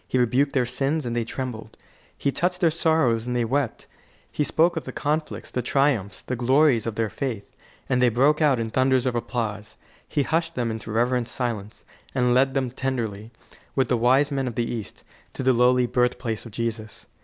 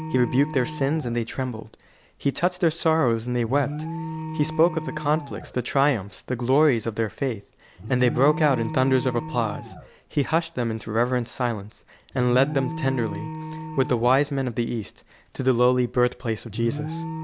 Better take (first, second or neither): first